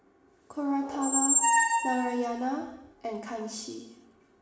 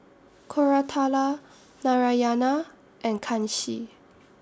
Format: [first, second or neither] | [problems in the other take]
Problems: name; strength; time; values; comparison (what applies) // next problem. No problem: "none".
second | background sound (Squeak); 5 dB above the speech // room echo; dies away in 0.9 s